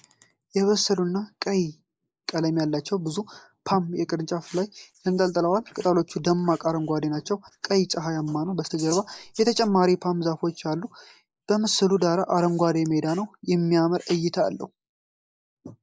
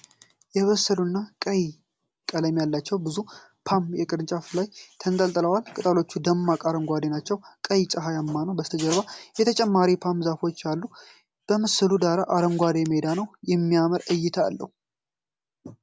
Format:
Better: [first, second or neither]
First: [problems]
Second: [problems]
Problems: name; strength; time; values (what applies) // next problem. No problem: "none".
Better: second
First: noise reduction (neural mask model Resemble Enhance denoiser)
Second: none